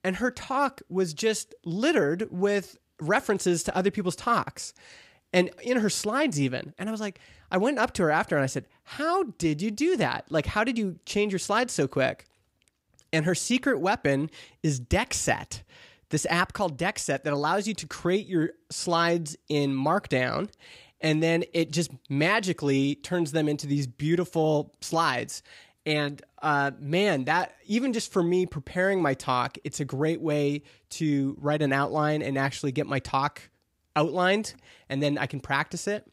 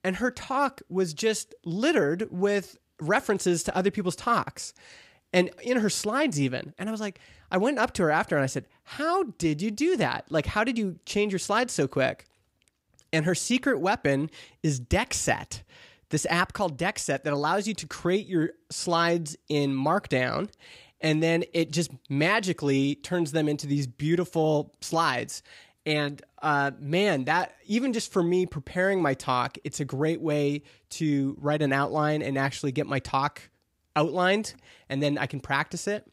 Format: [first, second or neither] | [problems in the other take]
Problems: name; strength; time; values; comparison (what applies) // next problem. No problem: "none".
neither | none